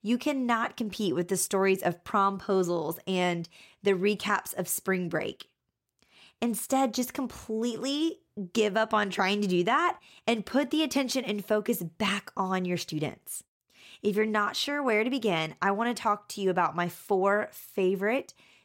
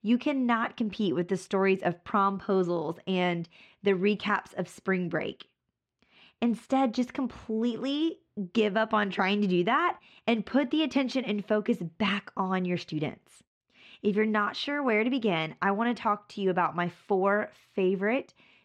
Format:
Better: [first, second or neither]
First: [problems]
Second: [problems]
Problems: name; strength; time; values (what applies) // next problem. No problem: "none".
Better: first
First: none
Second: muffled; slightly; fading above 3 kHz